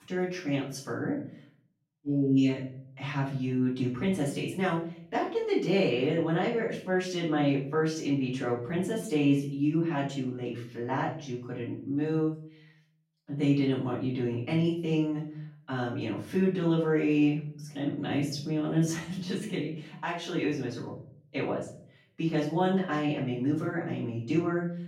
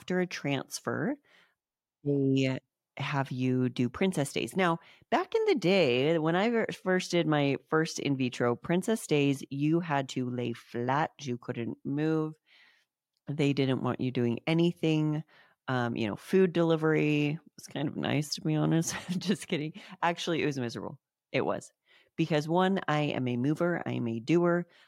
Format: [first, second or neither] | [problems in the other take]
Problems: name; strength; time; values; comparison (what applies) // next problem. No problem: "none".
second | room echo; noticeable; dies away in 0.5 s // off-mic speech; far